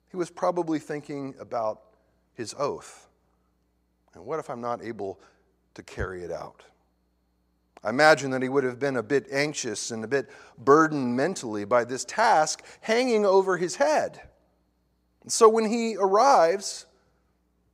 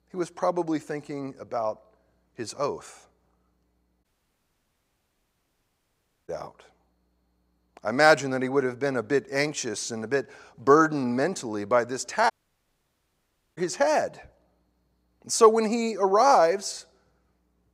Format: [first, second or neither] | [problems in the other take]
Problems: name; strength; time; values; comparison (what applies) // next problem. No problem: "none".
first | audio cutting out; at 4 s for 2 s and at 12 s for 1.5 s